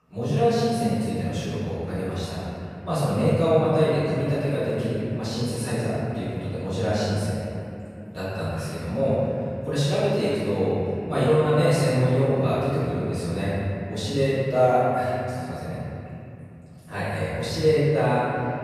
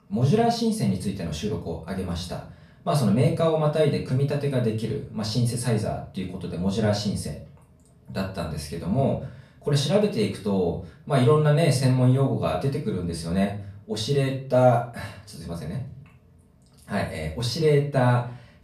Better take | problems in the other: second | room echo; strong; dies away in 2.9 s; slight in the second // off-mic speech; far; far in the second

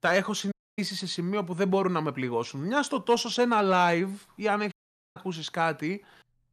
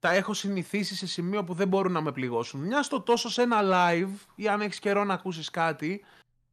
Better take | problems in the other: second | audio cutting out; at 0.5 s and at 4.5 s

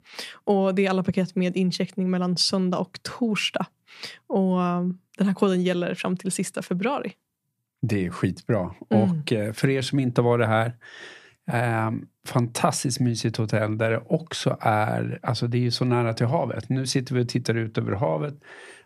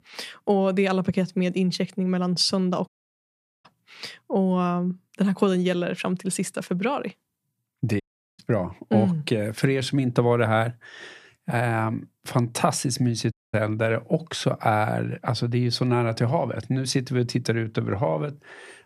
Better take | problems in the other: first | audio cutting out; at 3 s for 1 s, at 8 s and at 13 s

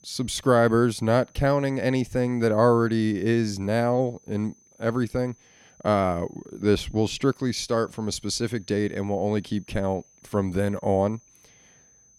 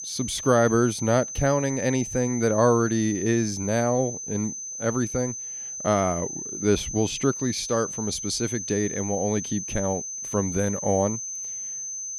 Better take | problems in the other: first | high-pitched whine; loud; throughout; 6 kHz, 6 dB below the speech; faint in the first

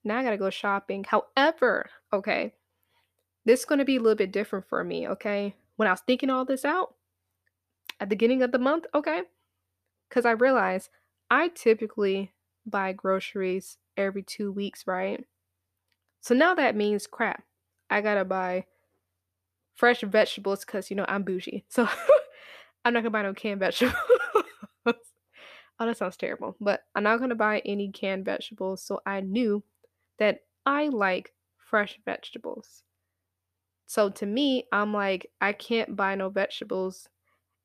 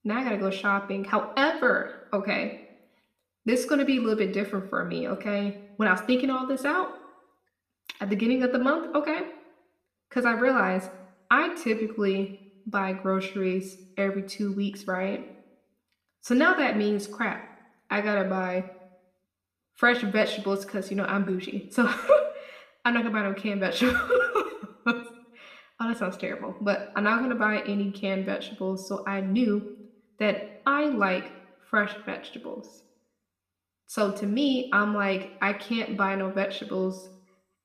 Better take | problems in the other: first | room echo; slight; dies away in 0.6 s // off-mic speech; somewhat distant

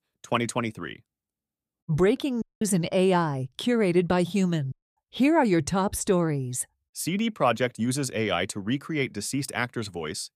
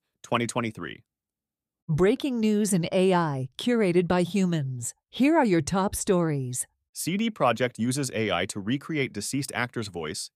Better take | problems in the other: second | audio cutting out; at 2.5 s and at 4.5 s

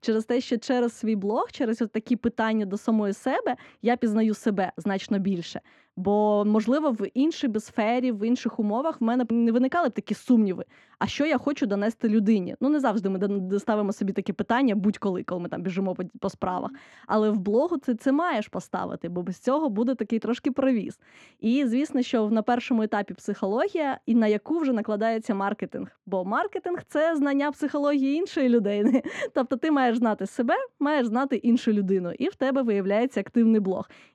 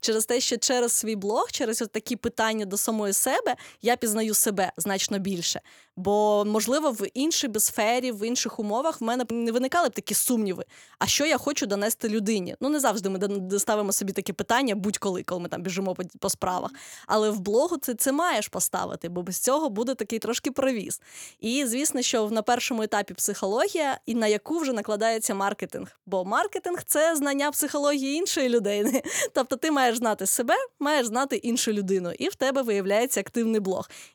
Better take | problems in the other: second | muffled; very; fading above 2.5 kHz

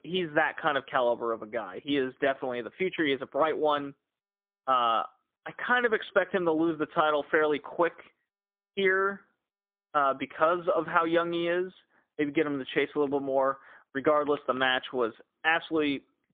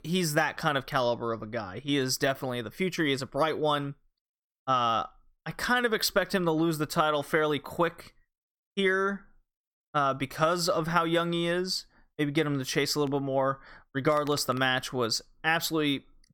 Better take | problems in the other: second | phone-call audio; poor line; nothing above 3.5 kHz

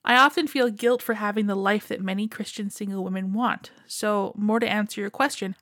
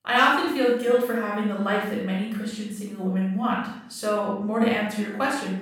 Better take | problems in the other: first | room echo; noticeable; dies away in 0.6 s // off-mic speech; far

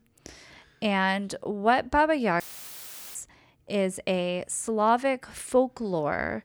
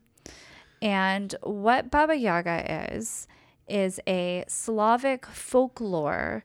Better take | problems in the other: second | audio cutting out; filled with static; at 2.5 s for 1 s

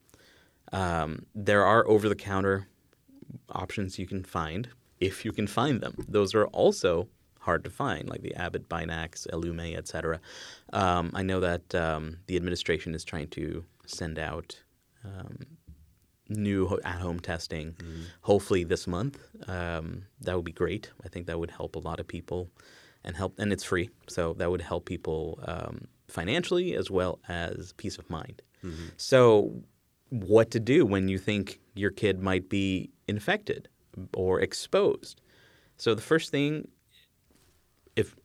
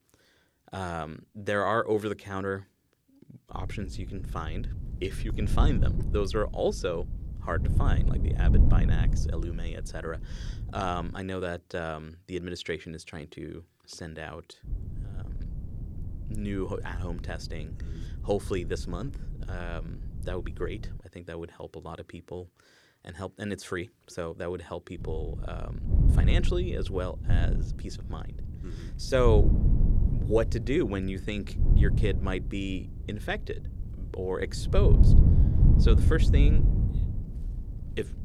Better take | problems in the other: first | wind noise on the microphone; heavy; from 3.5 to 11 s, from 15 to 21 s and from 25 s on; 9 dB below the speech

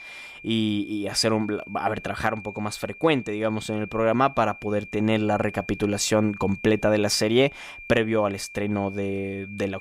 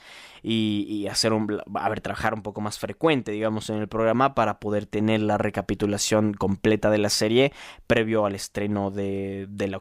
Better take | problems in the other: second | high-pitched whine; noticeable; throughout; 2.5 kHz, 15 dB below the speech

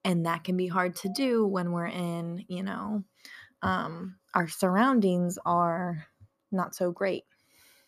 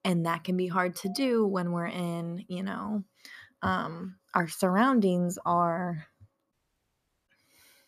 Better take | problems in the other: first | audio cutting out; at 6.5 s for 1 s

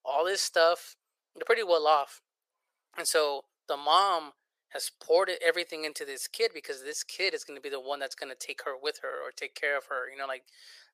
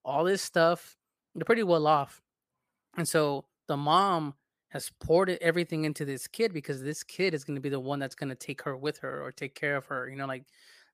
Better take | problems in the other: second | thin; very; fading below 500 Hz

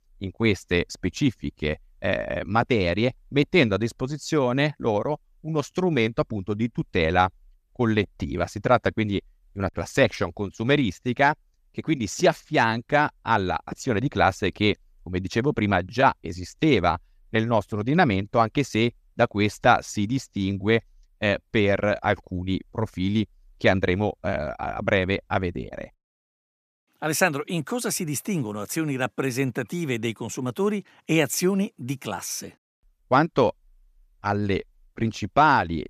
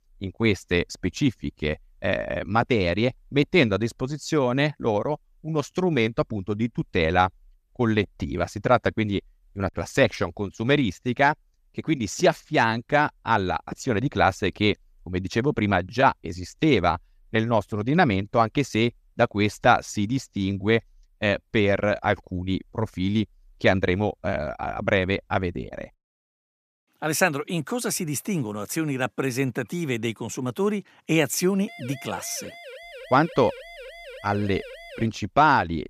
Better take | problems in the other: first | siren; faint; from 32 to 35 s; peak 15 dB below the speech

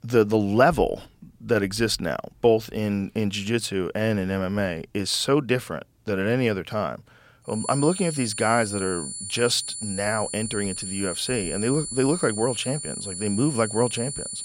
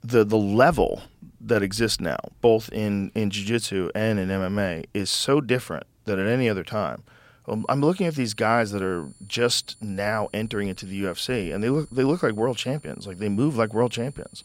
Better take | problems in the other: second | high-pitched whine; loud; from 7.5 s on; 9.5 kHz, 6 dB below the speech; faint in the second

